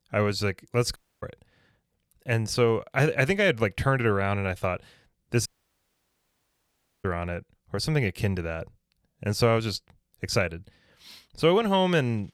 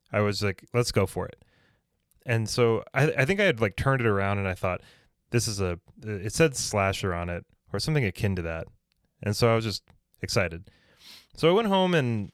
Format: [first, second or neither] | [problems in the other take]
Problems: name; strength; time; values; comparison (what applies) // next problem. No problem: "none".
second | audio cutting out; at 1 s and at 5.5 s for 1.5 s